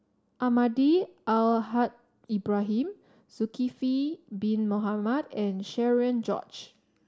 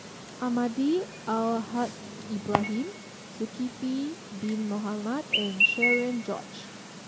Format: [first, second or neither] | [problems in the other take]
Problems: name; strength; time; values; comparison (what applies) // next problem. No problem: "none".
first | background sound (Chirp, tweet); 2 dB below the speech